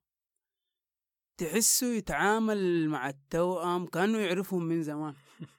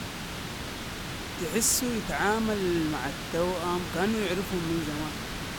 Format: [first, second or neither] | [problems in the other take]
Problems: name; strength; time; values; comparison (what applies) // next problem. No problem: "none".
first | hiss; loud; throughout; 6 dB below the speech